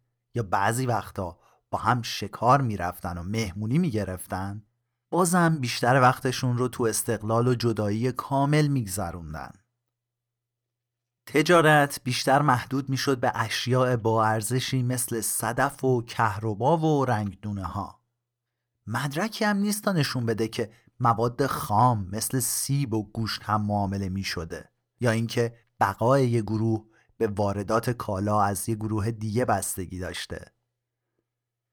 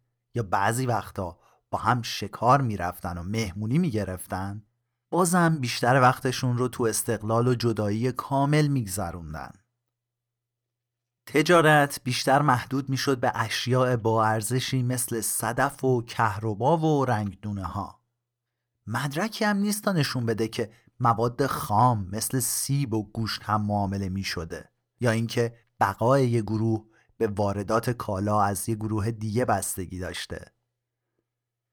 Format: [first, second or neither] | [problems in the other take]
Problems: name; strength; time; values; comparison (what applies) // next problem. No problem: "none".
neither | none